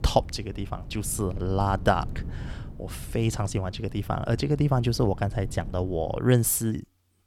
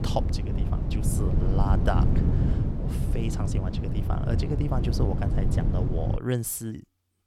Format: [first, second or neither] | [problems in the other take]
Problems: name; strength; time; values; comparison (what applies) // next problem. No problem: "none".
first | low rumble; loud; until 6 s; 3 dB below the speech; faint in the first